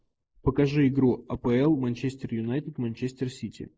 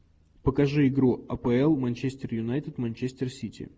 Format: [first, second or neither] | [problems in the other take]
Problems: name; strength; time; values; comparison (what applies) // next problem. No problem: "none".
second | noise reduction (neural mask model Resemble Enhance denoiser)